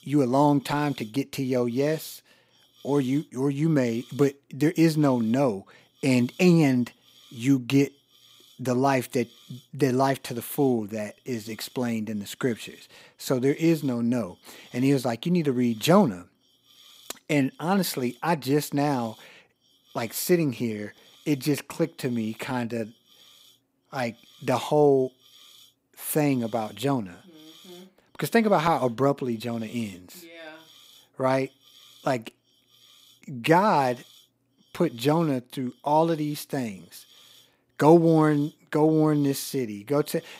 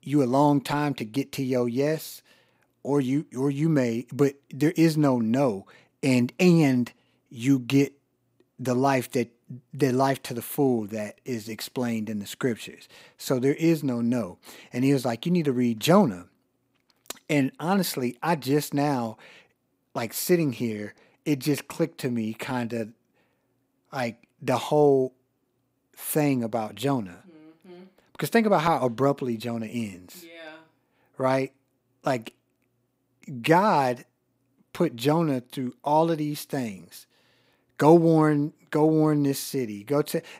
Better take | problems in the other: second | hiss; faint; throughout; 30 dB below the speech

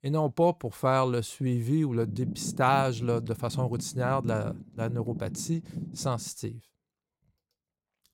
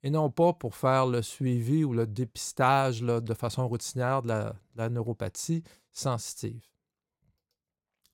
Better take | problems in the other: second | low rumble; noticeable; from 2 to 6.5 s; 15 dB below the speech

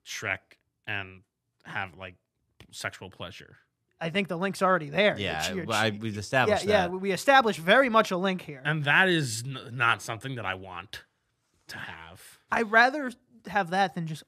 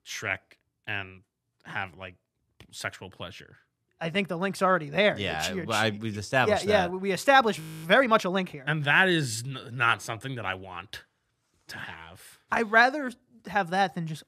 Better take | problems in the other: first | audio freezing; at 7.5 s

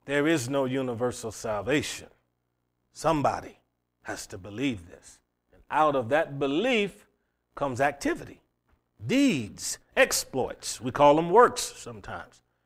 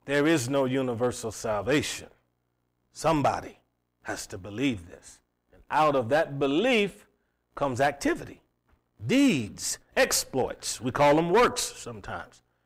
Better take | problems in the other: first | distortion; slight; 2% of the sound clipped

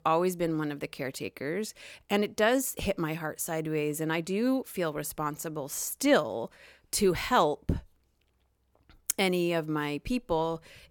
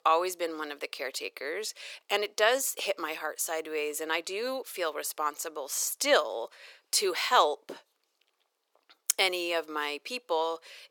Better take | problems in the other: first | thin; very; fading below 400 Hz

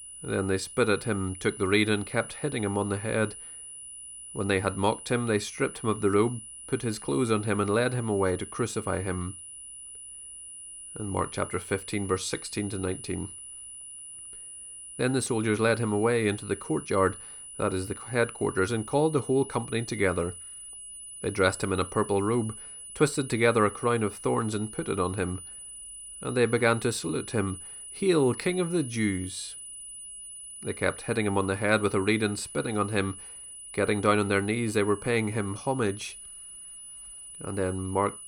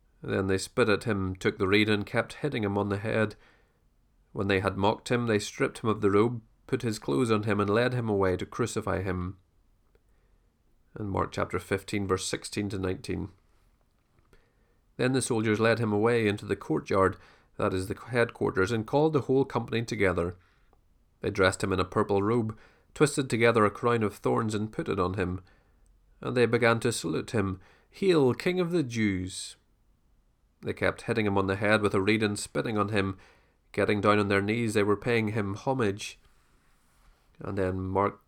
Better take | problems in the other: second | high-pitched whine; noticeable; throughout; 10 kHz, 10 dB below the speech

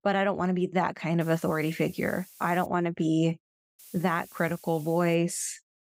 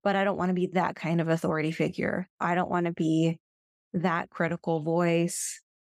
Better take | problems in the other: second | hiss; faint; from 1 to 2.5 s and from 4 to 5 s; 20 dB below the speech

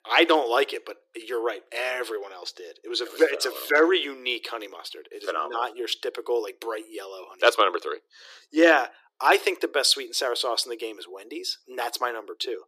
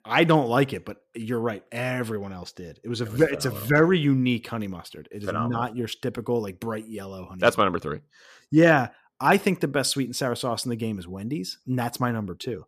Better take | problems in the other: second | thin; very; fading below 350 Hz

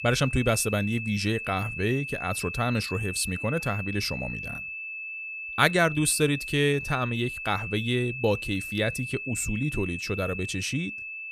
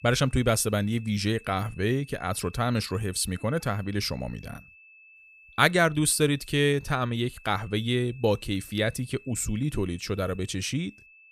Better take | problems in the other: second | high-pitched whine; loud; throughout; 2.5 kHz, 6 dB below the speech; faint in the second

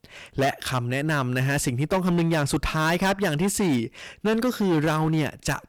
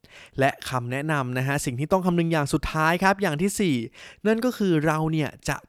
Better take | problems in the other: second | distortion; heavy; 14% of the sound clipped

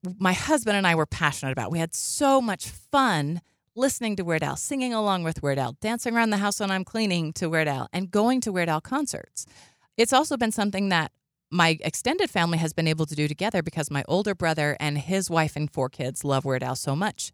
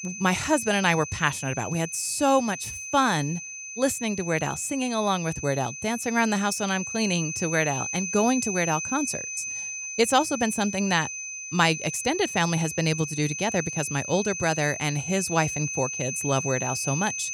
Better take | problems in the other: first | high-pitched whine; loud; throughout; 6 kHz, 6 dB below the speech

